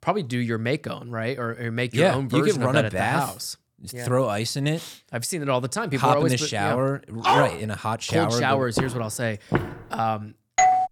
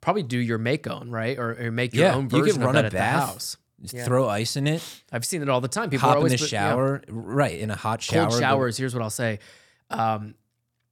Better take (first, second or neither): second